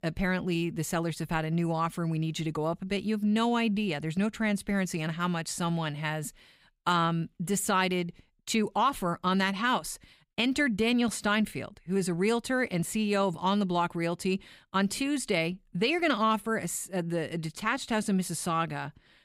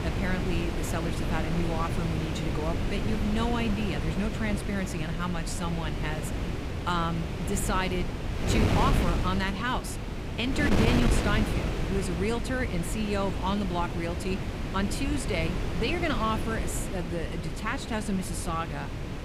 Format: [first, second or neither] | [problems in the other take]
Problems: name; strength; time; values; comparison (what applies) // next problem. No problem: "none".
first | wind noise on the microphone; heavy; 3 dB below the speech